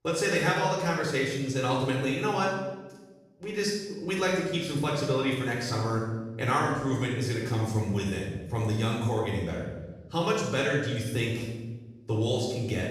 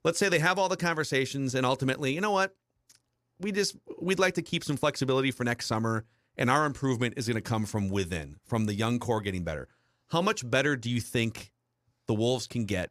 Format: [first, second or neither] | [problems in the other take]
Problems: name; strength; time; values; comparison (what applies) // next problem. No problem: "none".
second | room echo; noticeable; dies away in 1 s // off-mic speech; far